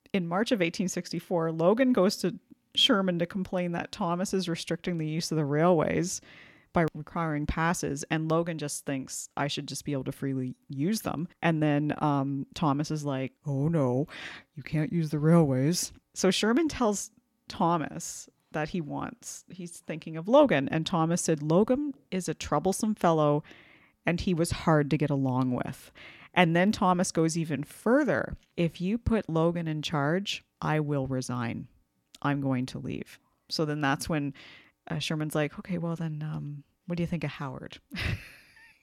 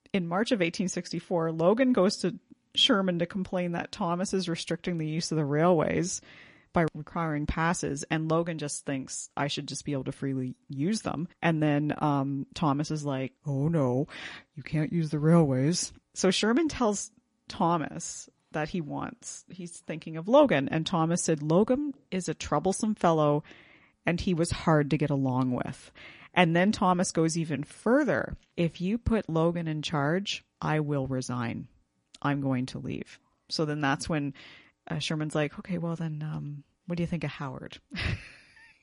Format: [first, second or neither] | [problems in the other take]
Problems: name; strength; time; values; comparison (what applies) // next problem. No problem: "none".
first | garbled, watery; slightly; nothing above 10.5 kHz